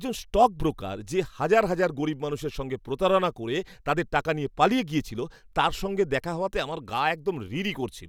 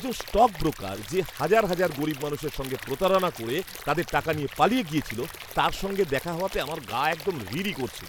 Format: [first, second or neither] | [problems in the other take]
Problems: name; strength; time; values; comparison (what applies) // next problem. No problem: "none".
first | background sound (Stream / Liquid); 14 dB below the speech